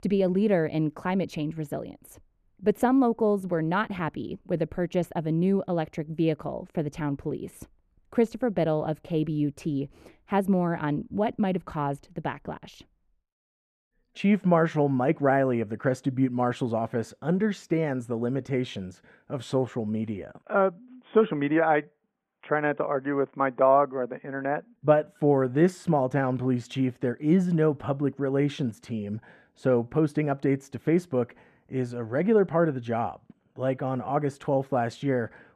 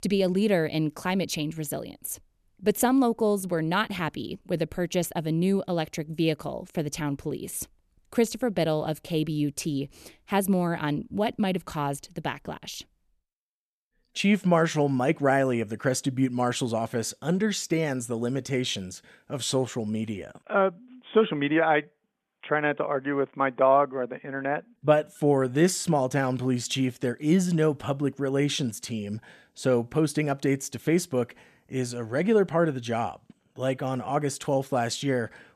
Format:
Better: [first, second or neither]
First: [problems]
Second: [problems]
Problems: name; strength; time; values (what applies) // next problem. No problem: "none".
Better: second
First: muffled; very; fading above 3 kHz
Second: none